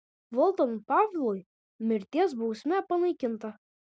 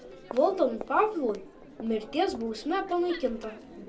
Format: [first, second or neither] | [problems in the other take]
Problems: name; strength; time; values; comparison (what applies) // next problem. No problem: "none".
first | background sound (Crowd); 16 dB below the speech // room echo; dies away in 0.2 s